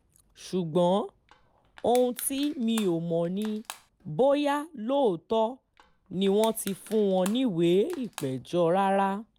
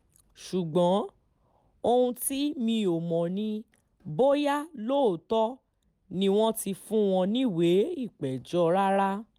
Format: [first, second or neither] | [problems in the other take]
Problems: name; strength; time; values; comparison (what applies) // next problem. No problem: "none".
second | background sound (Crushing); 20 dB below the speech